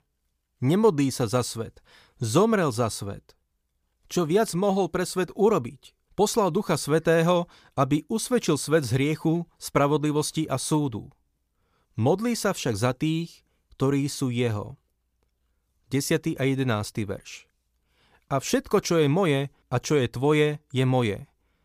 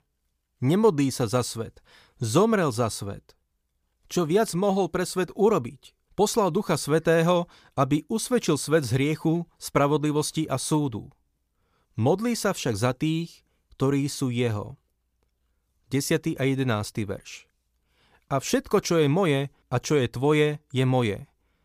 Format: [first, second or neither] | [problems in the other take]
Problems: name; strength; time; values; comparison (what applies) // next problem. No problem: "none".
neither | none